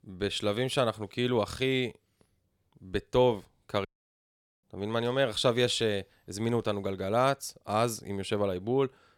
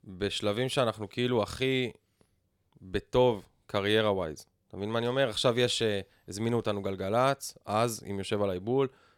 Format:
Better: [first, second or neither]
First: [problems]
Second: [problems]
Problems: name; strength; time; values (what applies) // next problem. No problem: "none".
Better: second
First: audio cutting out; at 4 s for 1 s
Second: none